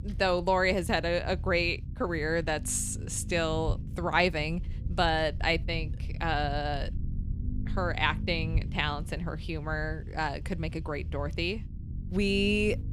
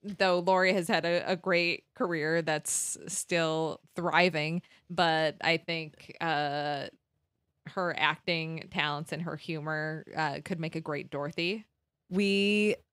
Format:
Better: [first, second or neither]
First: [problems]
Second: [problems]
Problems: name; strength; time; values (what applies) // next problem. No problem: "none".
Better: second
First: low rumble; faint; throughout; 20 dB below the speech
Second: none